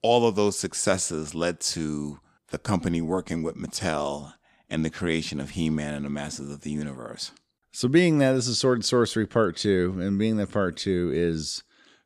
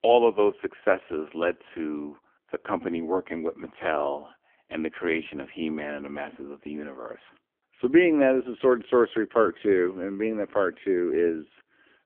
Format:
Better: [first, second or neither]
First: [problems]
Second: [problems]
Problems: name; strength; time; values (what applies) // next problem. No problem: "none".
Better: first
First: none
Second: phone-call audio; poor line; nothing above 3.5 kHz